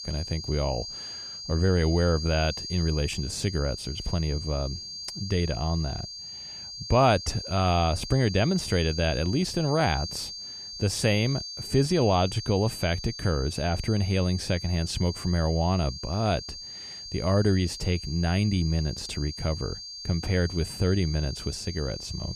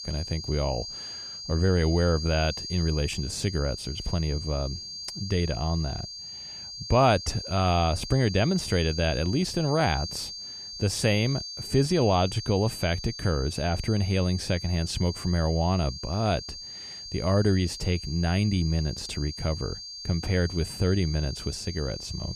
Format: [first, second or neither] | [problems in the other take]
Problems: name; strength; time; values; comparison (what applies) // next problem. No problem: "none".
neither | high-pitched whine; loud; throughout; 4.5 kHz, 9 dB below the speech; the same in both